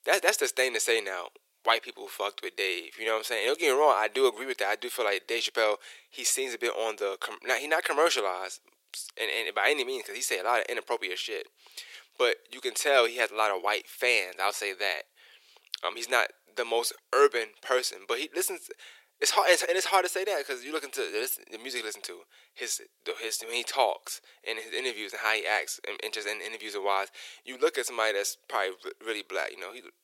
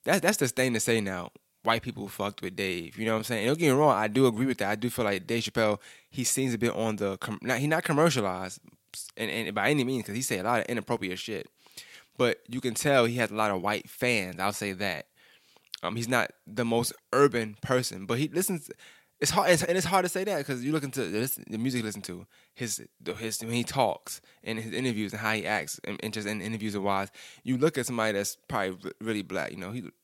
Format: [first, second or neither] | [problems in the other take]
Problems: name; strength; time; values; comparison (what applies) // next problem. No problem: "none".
second | thin; very; fading below 400 Hz